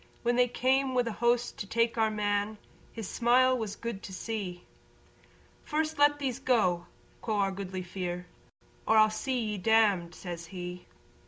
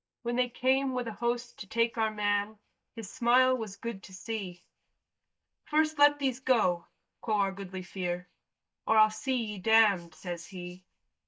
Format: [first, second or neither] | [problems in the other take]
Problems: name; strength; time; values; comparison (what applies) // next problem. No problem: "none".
first | noise reduction (neural mask model DeepFilterNet 3)